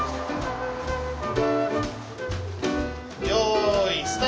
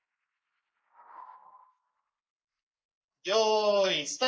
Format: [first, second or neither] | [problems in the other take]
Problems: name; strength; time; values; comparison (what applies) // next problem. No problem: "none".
first | noise reduction (neural mask model Resemble Enhance denoiser)